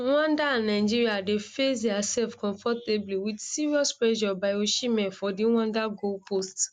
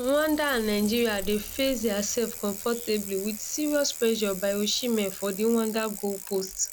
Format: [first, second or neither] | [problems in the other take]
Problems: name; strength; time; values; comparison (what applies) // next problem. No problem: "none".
first | background sound (Bicycle); 12 dB below the speech